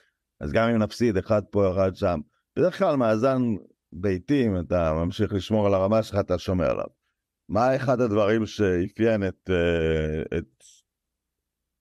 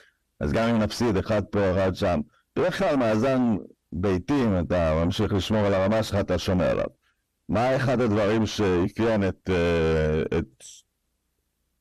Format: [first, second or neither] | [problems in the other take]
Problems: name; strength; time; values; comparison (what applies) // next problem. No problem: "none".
first | distortion; heavy; 5 dB below the speech